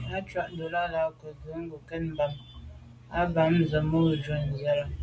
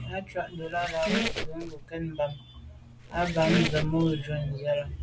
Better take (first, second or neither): first